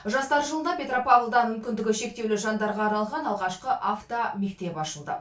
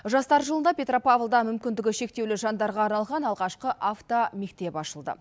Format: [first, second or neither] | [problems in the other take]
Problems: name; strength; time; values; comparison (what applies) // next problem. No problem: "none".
second | room echo; dies away in 0.3 s